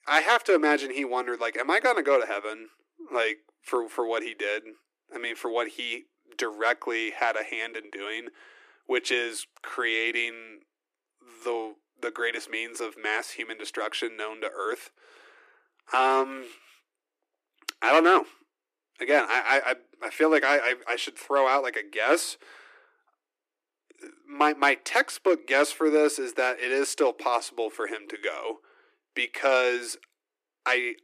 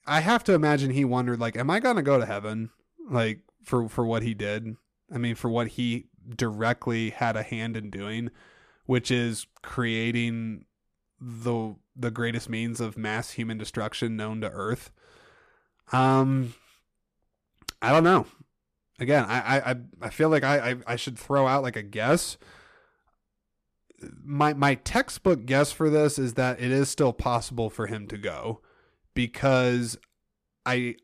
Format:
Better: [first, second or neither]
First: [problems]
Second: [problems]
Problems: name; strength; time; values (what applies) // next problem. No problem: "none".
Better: second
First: thin; very; fading below 300 Hz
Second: none